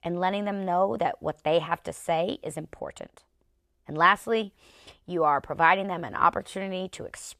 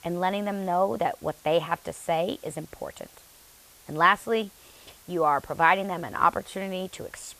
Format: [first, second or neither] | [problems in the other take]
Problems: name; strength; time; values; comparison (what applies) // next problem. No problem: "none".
first | hiss; faint; throughout; 25 dB below the speech